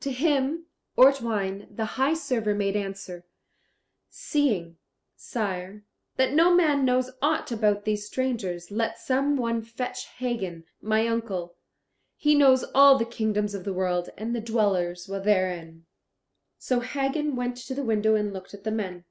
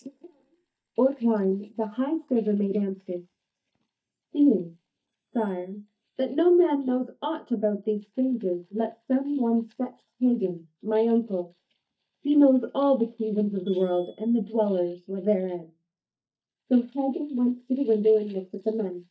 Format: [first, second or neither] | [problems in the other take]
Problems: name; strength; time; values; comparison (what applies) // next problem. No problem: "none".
first | noise reduction (neural mask model DeepFilterNet 3)